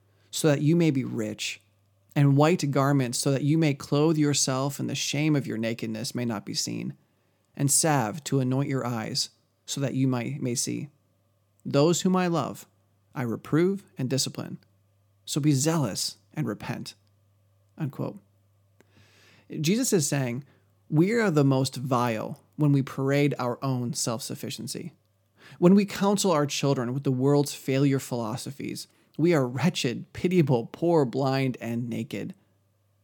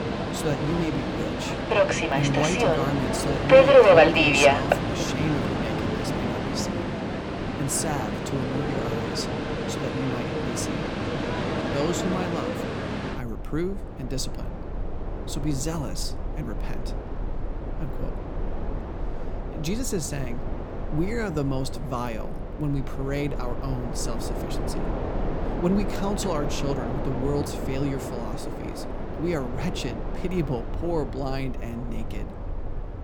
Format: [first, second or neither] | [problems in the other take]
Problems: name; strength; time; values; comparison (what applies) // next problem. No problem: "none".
first | train or aircraft noise; very loud; throughout; 4 dB above the speech